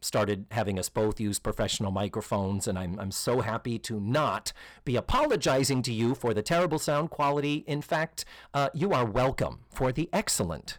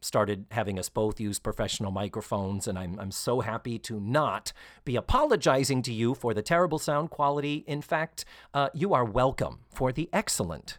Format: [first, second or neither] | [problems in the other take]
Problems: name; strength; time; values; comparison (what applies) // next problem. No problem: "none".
second | distortion; slight; 7% of the sound clipped